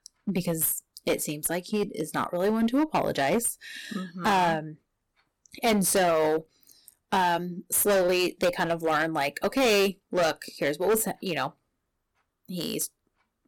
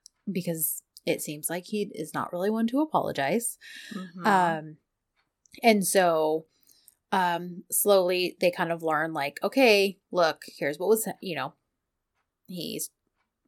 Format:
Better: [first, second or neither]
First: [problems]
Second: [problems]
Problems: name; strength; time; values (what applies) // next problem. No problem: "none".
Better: second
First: distortion; heavy; 10% of the sound clipped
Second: none